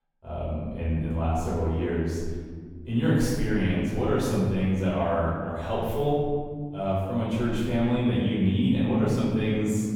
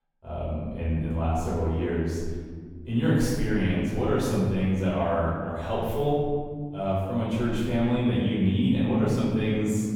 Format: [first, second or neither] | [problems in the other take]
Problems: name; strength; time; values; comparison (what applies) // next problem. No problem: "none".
neither | room echo; strong; dies away in 1.8 s; the same in both // off-mic speech; far; the same in both